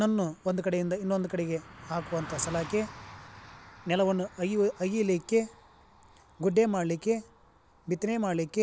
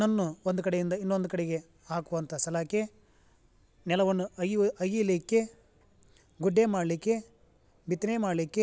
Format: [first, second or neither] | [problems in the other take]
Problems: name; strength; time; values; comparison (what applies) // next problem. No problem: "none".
second | background sound (Car passing by); 19 dB below the speech